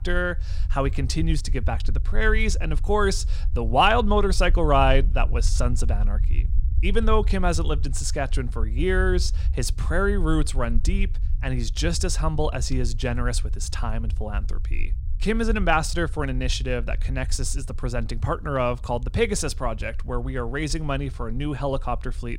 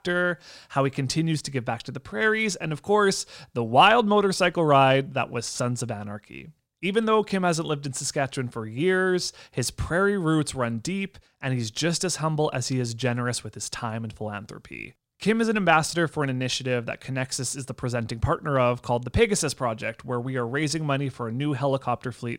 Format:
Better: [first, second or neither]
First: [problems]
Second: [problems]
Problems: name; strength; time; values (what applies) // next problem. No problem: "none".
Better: second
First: low rumble; faint; throughout; 25 dB below the speech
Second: none